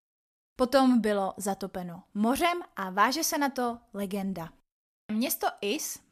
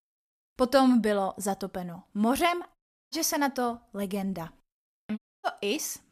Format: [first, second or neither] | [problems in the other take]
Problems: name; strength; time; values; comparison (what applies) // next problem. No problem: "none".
first | audio cutting out; at 3 s and at 5 s